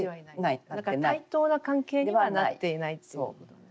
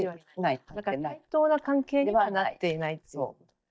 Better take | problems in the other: first | noise reduction (neural mask model DeepFilterNet 3)

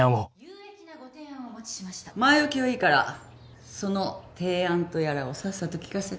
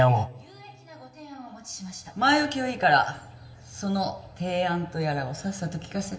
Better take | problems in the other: first | room echo; dies away in 1.5 s

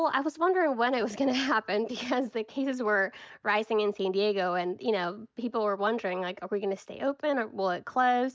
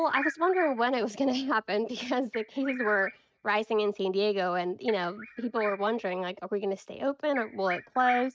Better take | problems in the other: first | noise reduction (neural mask model RNNoise)

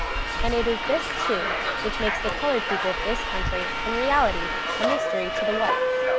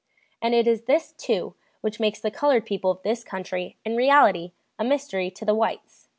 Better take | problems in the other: second | background sound (Subway, metro, underground); 2 dB above the speech

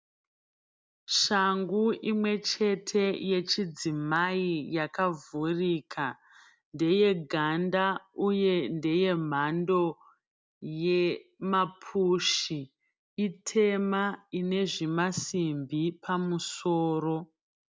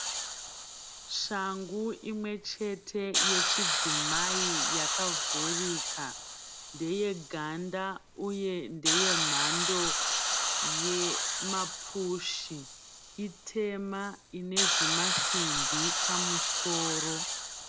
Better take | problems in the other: first | background sound (Hiss); 4 dB above the speech

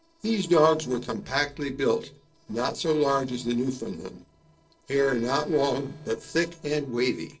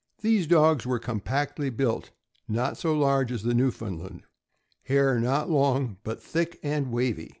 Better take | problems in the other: second | noise reduction (neural separator model SepFormer DNS4)

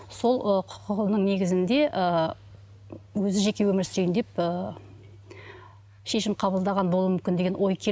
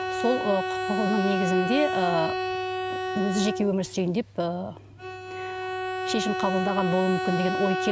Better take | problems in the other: first | background sound (Bowed string instrument); 2 dB below the speech

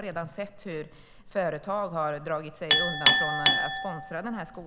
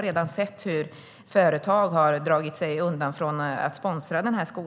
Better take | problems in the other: second | background sound (Chink, clink); 4 dB above the speech

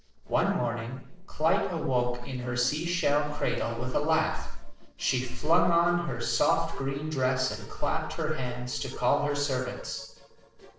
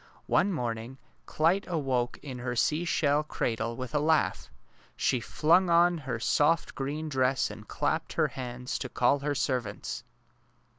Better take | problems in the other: second | noise reduction (neural separator model SepFormer DNS4)

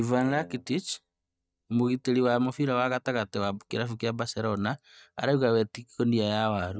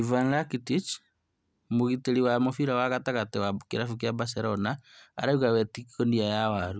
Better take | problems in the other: second | noise reduction (neural mask model DeepFilterNet 3)

